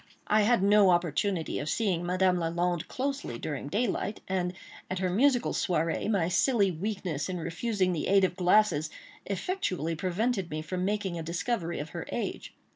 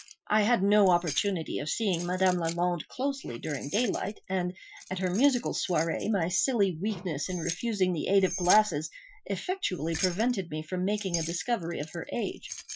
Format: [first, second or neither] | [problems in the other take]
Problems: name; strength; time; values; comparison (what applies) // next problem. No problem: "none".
first | noise reduction (classical method Wiener filter)